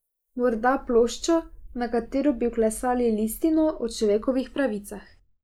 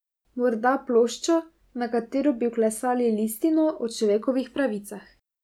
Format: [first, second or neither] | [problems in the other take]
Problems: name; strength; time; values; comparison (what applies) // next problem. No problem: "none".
second | noise reduction (neural mask model Resemble Enhance denoiser)